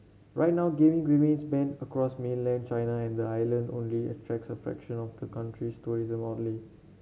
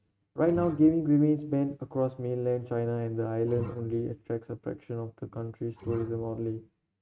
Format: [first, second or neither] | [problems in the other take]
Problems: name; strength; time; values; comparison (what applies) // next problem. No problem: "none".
first | noise reduction (neural mask model RNNoise)